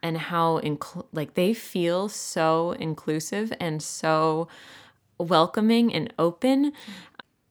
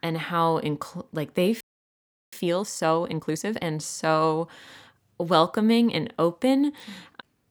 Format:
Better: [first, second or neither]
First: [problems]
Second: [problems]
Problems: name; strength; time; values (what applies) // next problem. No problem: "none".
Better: first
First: none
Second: audio freezing; at 1.5 s for 0.5 s